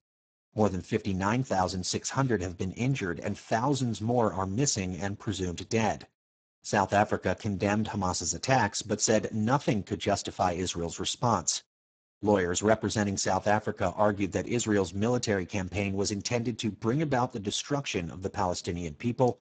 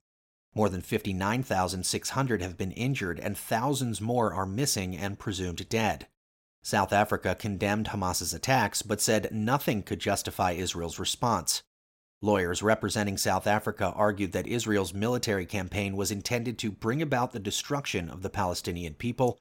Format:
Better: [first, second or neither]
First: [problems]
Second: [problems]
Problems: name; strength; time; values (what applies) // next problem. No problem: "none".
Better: second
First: garbled, watery; badly; nothing above 7.5 kHz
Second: none